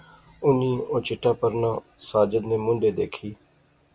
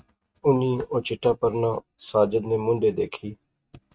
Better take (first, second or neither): first